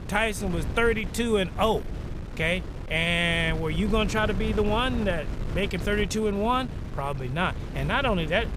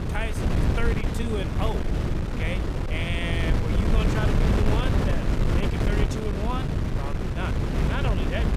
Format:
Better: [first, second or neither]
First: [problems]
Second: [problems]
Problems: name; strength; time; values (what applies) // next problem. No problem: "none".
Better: first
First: wind noise on the microphone; occasional gusts; 15 dB below the speech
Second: wind noise on the microphone; heavy; 1 dB above the speech